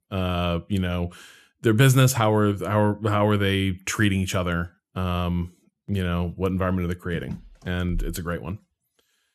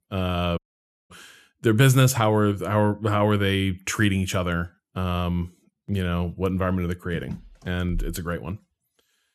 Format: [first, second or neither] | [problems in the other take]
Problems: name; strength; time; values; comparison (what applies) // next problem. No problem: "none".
first | audio cutting out; at 0.5 s for 0.5 s